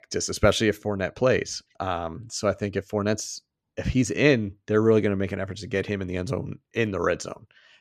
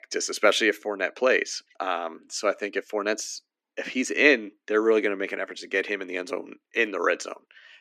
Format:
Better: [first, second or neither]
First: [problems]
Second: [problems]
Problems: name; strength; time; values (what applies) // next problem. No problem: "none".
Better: first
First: none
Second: thin; somewhat; fading below 250 Hz